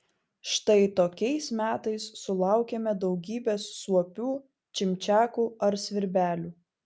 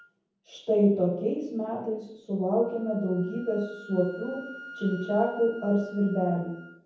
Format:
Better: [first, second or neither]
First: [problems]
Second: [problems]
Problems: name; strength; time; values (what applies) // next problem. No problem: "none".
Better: first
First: none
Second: background sound (Wind instrument, woodwind instrument); 20 dB below the speech // room echo; dies away in 0.9 s